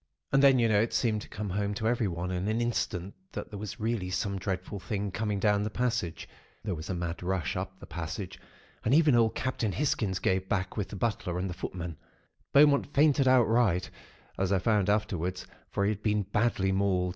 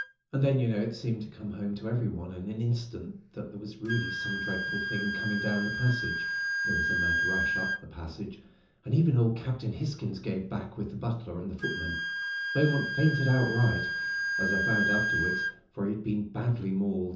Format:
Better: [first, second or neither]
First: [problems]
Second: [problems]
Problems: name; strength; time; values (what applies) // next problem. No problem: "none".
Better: first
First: none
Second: background sound (Wind instrument, woodwind instrument); 3 dB below the speech // room echo; dies away in 0.6 s